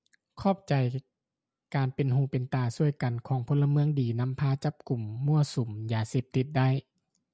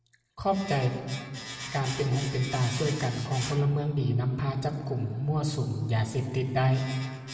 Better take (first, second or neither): first